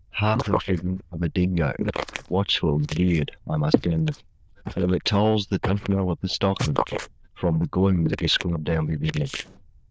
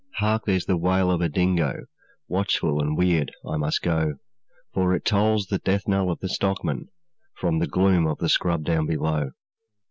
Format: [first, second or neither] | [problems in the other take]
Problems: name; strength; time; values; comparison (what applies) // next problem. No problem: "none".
second | noise reduction (neural diffusion model UNIVERSE++)